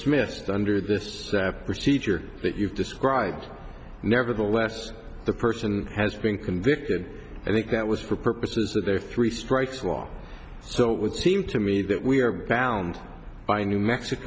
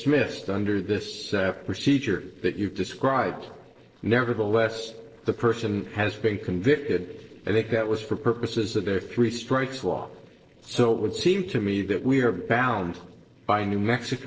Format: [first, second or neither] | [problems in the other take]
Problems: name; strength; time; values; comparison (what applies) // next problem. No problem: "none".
first | noise reduction (neural separator model SepFormer DNS4)